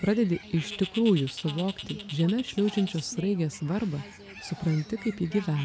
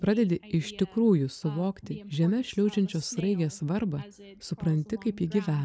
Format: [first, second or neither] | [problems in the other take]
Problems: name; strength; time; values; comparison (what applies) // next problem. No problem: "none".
second | background sound (Bird); 16 dB below the speech